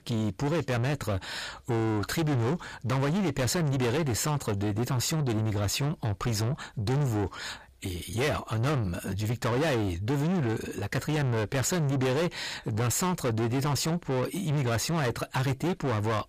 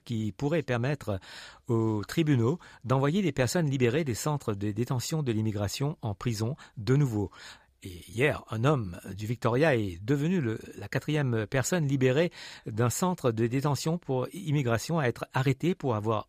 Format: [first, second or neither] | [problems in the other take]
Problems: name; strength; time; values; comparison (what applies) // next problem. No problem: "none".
second | distortion; heavy; 6 dB below the speech